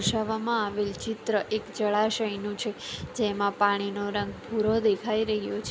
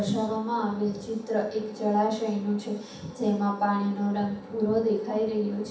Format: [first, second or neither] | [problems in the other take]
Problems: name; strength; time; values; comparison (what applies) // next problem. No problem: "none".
first | room echo; dies away in 0.7 s